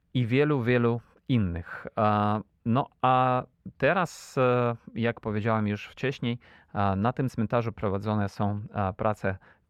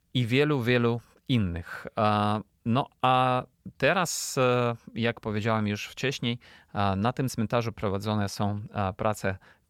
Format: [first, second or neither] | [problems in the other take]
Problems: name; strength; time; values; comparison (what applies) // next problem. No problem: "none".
second | muffled; slightly; fading above 3.5 kHz